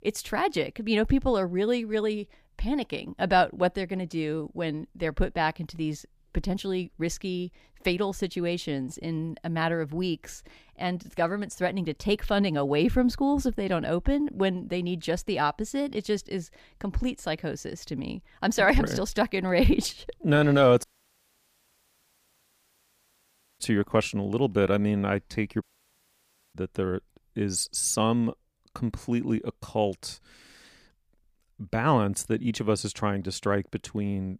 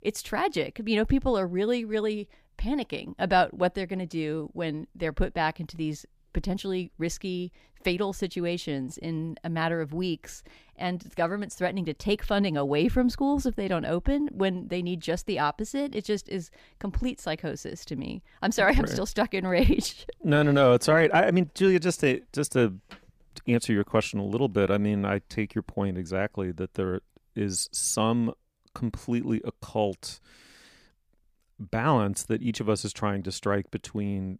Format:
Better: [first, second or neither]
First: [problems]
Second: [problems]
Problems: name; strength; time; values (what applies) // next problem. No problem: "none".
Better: second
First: audio cutting out; at 21 s for 3 s and at 26 s for 1 s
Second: none